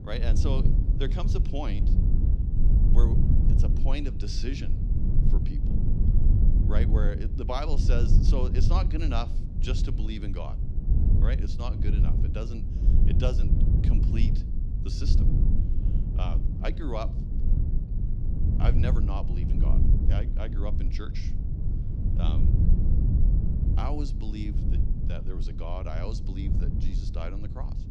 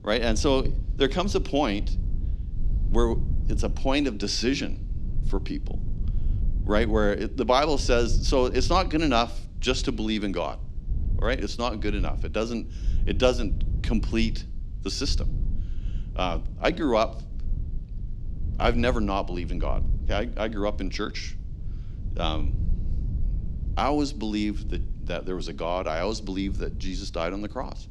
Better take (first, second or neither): second